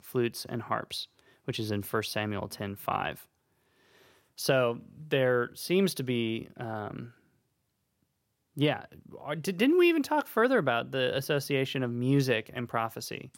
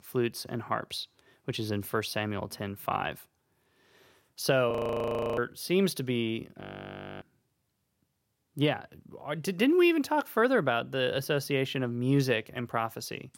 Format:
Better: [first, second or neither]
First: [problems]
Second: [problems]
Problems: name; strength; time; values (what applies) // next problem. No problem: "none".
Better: first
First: none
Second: audio freezing; at 4.5 s for 0.5 s and at 6.5 s for 0.5 s